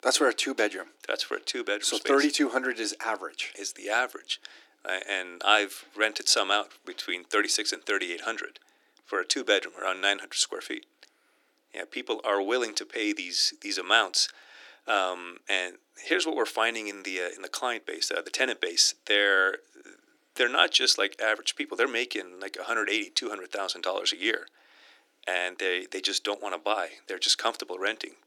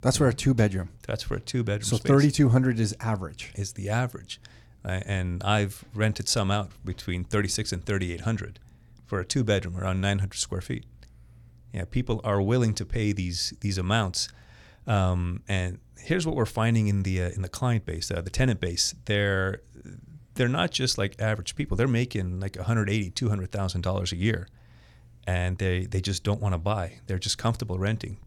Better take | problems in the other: second | thin; very; fading below 300 Hz

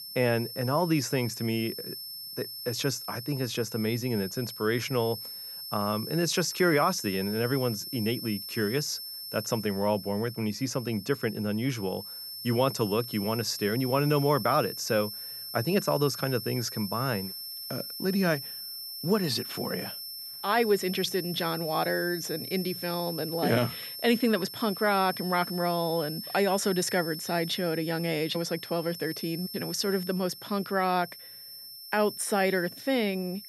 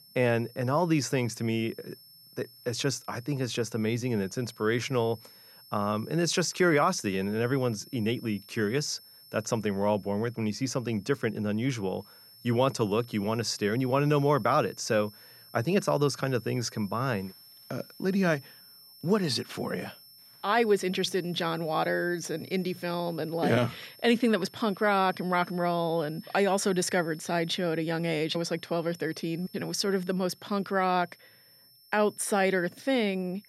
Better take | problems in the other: second | high-pitched whine; loud; throughout; 5.5 kHz, 8 dB below the speech; faint in the second

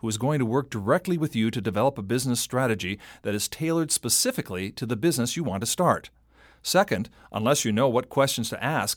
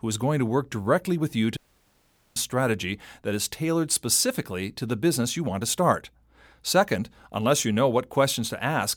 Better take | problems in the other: first | audio cutting out; at 1.5 s for 1 s

